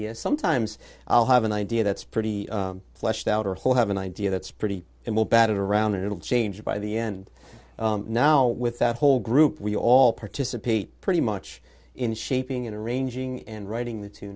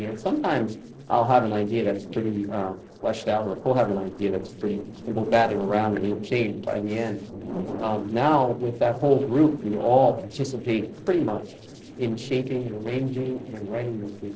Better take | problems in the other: first | noise reduction (neural separator model SepFormer DNS4)

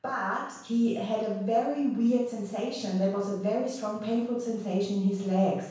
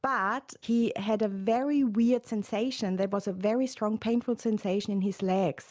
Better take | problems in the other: second | room echo; dies away in 0.7 s

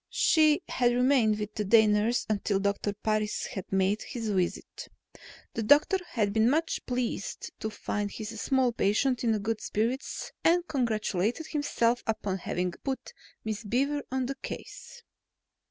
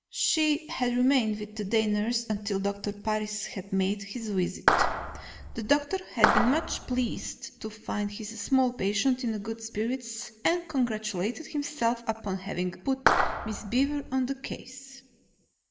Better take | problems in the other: first | background sound (Clapping); 1 dB above the speech // room echo; dies away in 2.3 s

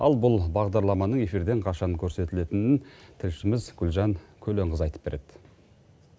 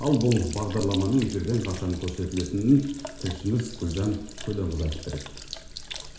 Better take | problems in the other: first | background sound (Sink (filling or washing)); 13 dB below the speech // room echo; dies away in 0.7 s

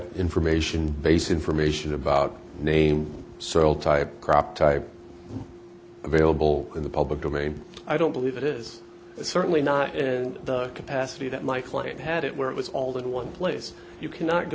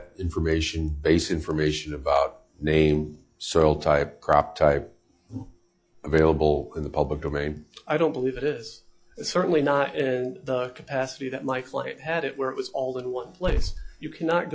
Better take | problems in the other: first | noise reduction (classical method log-MMSE)

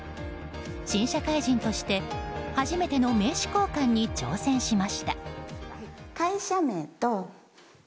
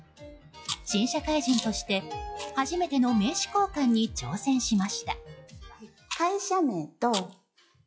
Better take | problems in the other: first | noise reduction (classical method log-MMSE)

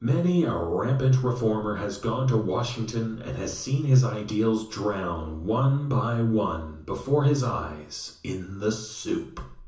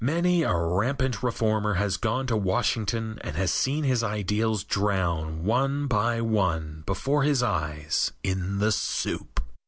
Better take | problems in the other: second | room echo; dies away in 0.7 s

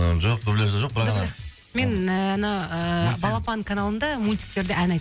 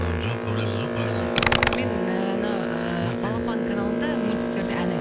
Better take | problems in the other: first | background sound (Computer keyboard + Boat, Water vehicle); 4 dB above the speech

